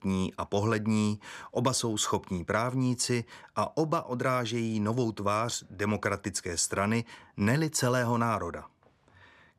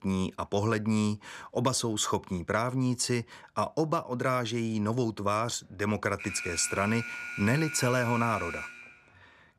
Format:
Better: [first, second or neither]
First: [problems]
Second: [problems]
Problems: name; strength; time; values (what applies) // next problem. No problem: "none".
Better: first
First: none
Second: alarm; noticeable; from 6 to 9 s; peak 6 dB below the speech